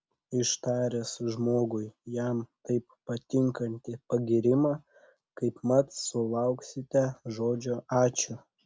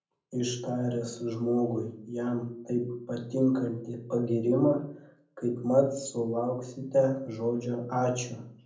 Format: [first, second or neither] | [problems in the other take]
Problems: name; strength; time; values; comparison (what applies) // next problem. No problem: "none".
first | room echo; dies away in 0.6 s